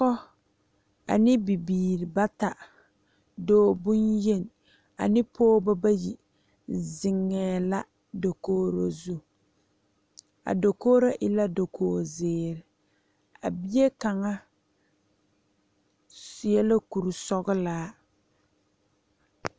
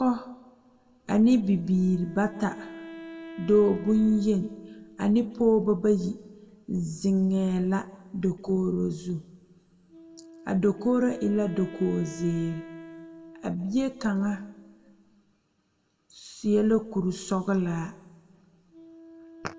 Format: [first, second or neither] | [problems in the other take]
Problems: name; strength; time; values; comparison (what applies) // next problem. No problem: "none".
first | background sound (Wind instrument, woodwind instrument); 20 dB below the speech // room echo; dies away in 0.9 s